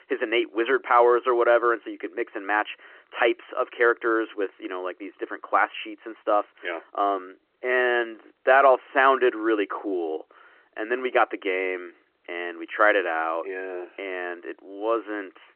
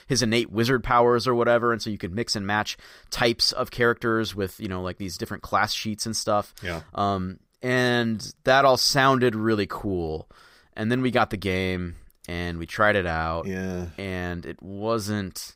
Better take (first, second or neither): second